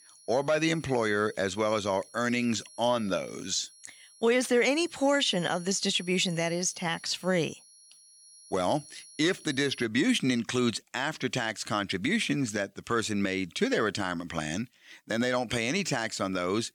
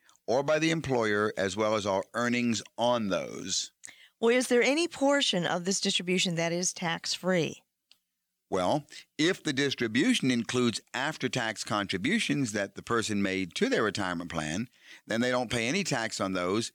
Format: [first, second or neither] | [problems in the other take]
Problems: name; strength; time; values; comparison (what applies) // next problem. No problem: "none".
second | high-pitched whine; faint; until 10 s; 10.5 kHz, 20 dB below the speech